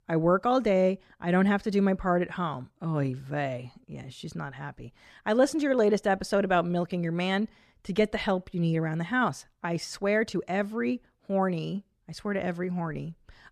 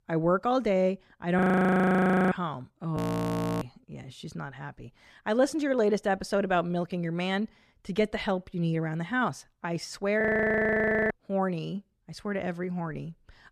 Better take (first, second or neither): first